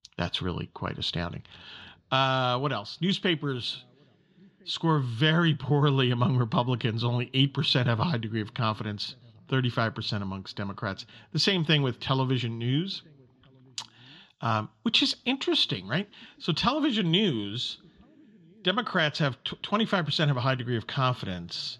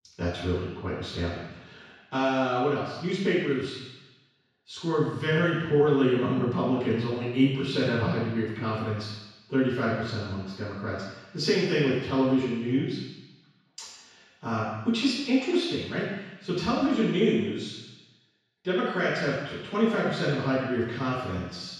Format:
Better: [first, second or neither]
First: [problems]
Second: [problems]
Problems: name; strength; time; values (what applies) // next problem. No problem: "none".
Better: first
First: room echo; slight; dies away in 3 s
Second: room echo; strong; dies away in 1.1 s // off-mic speech; far